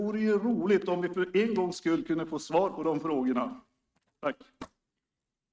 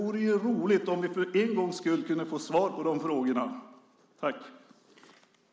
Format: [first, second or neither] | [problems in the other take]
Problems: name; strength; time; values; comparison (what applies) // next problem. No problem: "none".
second | noise reduction (neural mask model RNNoise)